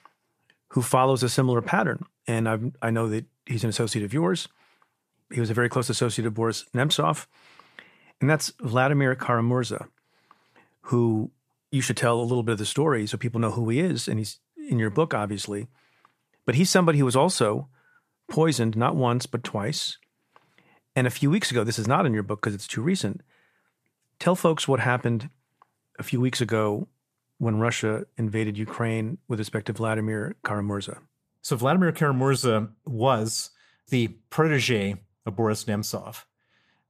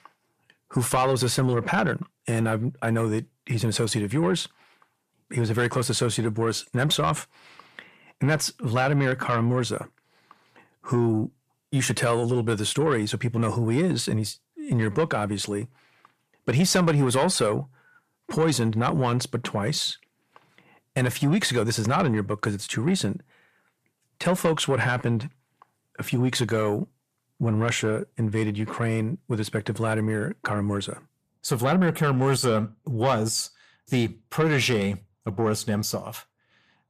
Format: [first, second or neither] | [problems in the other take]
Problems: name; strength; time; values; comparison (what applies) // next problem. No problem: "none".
first | distortion; slight; 10 dB below the speech